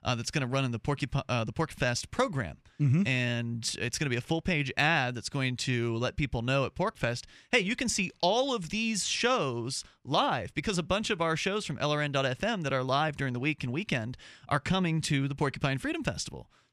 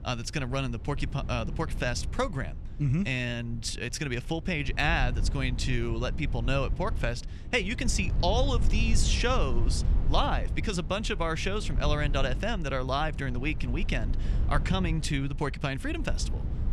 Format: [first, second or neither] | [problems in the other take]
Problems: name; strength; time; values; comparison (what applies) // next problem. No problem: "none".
first | low rumble; noticeable; throughout; 15 dB below the speech